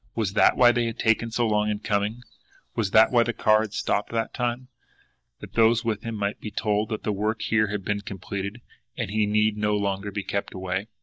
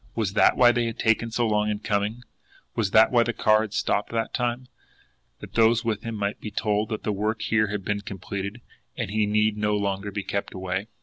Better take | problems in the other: second | noise reduction (neural mask model DeepFilterNet 3)

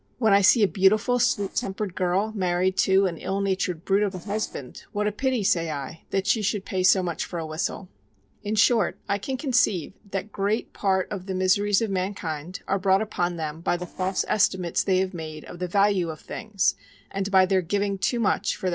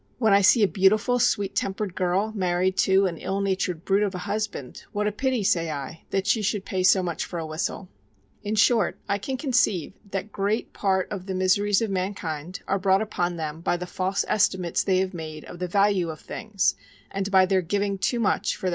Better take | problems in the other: second | noise reduction (neural separator model SepFormer DNS4)

